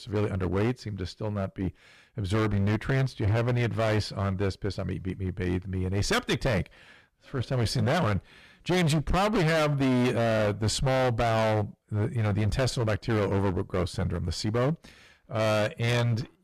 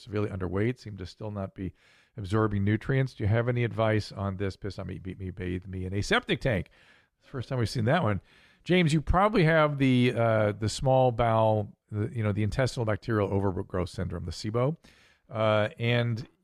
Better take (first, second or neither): second